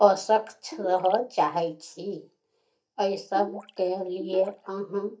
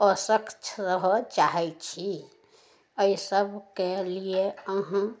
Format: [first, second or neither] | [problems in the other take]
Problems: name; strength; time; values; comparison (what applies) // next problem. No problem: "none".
second | noise reduction (neural mask model DeepFilterNet 3)